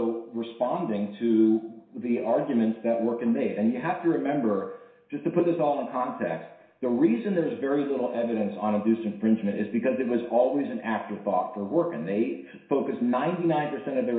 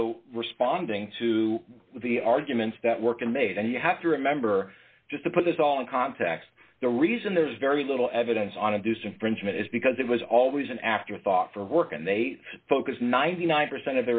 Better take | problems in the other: second | room echo; dies away in 0.7 s

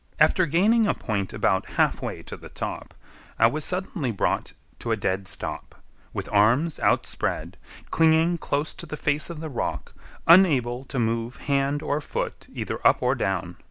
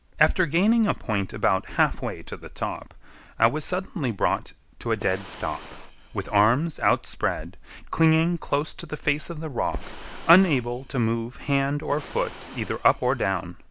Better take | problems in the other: first | background sound (Fire); 18 dB below the speech

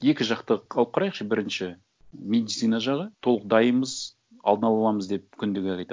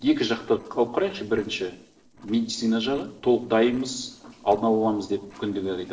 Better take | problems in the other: first | noise reduction (neural separator model SepFormer DNS4)

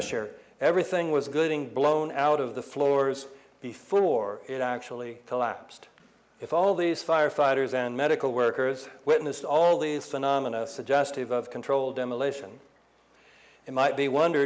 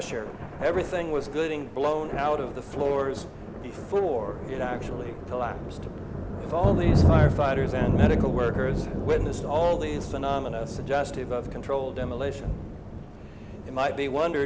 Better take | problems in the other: first | background sound (Thunder); as loud as the speech

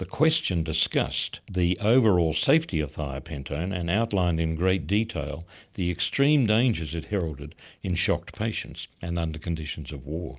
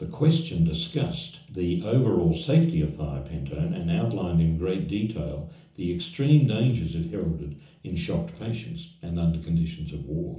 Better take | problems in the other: first | room echo; dies away in 0.7 s

